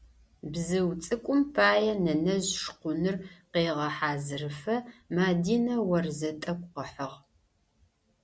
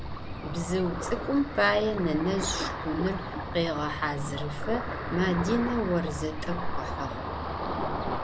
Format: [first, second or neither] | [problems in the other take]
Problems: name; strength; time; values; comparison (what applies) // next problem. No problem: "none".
first | background sound (Ocean); 3 dB below the speech